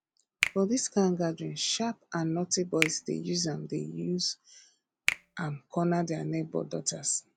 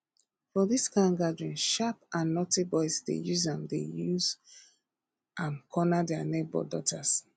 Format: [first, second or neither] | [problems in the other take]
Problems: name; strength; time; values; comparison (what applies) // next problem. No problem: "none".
second | background sound (Finger snapping); 8 dB below the speech